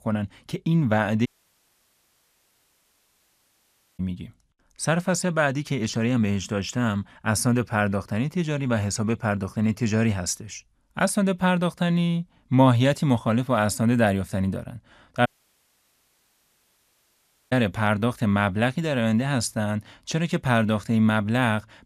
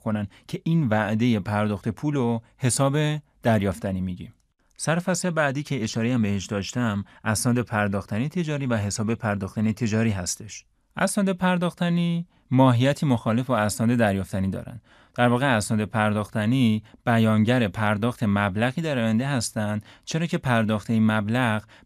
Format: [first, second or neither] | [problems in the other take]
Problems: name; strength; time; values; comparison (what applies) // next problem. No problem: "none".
second | audio cutting out; at 1.5 s for 2.5 s and at 15 s for 2.5 s